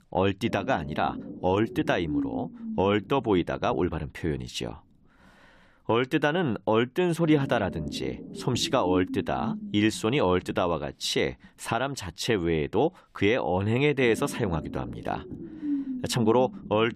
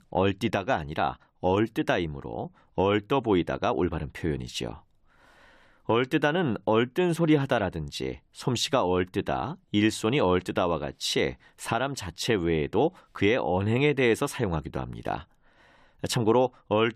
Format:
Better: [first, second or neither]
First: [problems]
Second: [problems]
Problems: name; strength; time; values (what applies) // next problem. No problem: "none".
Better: second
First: low rumble; noticeable; throughout; 15 dB below the speech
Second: none